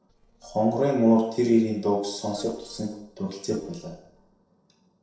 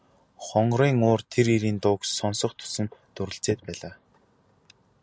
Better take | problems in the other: second | noise reduction (neural separator model SepFormer DNS4)

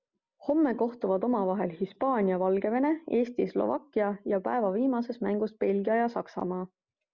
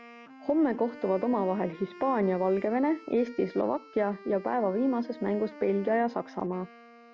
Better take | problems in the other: first | background sound (Wind instrument, woodwind instrument); 19 dB below the speech

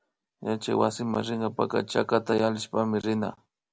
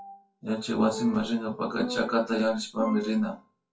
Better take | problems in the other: first | noise reduction (classical method WPE with log-MMSE)

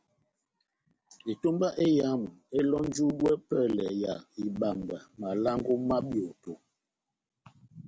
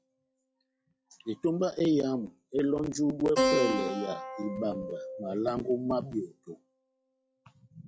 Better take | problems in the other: first | noise reduction (classical method log-MMSE)

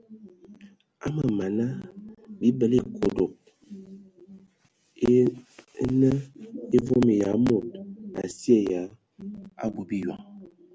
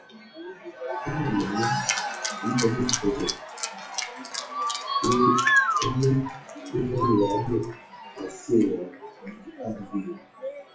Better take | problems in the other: first | noise reduction (classical method WPE with log-MMSE)

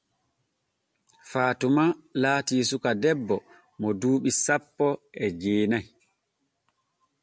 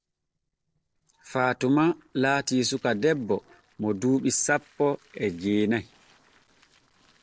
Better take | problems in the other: first | noise reduction (neural separator model SepFormer DNS4)

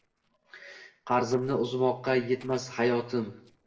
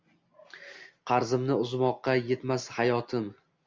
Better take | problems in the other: second | noise reduction (neural separator model SepFormer DNS4)

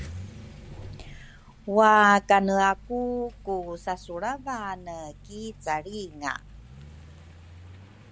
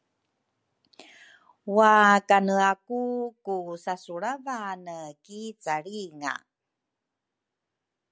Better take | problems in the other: second | background sound (Accelerating, revving, vroom); 18 dB below the speech

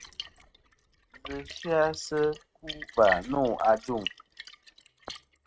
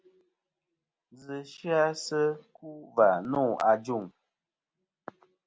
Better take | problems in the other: second | noise reduction (neural mask model RNNoise)

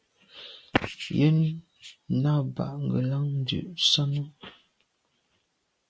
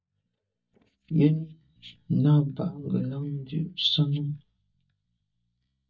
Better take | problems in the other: first | noise reduction (neural mask model DeepFilterNet 3)

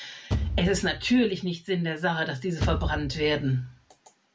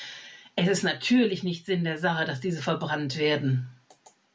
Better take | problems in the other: second | background sound (Bass drum / Thump, thud); 4 dB below the speech

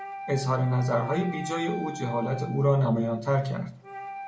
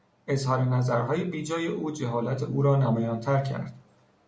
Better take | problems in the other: second | background sound (Wind instrument, woodwind instrument); 12 dB below the speech // room echo; dies away in 0.2 s

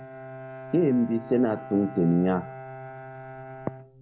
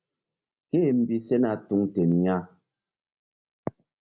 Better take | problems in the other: second | background sound (Bowed string instrument); 13 dB below the speech

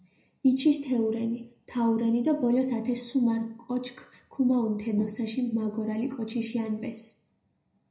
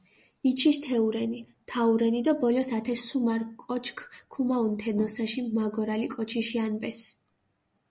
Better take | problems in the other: second | room echo; dies away in 0.5 s

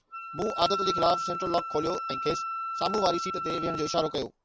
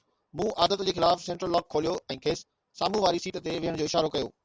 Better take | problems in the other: second | background sound (Wind instrument, woodwind instrument); 4 dB below the speech

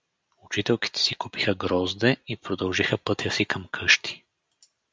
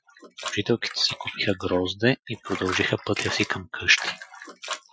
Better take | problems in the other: first | noise reduction (classical method Wiener filter)

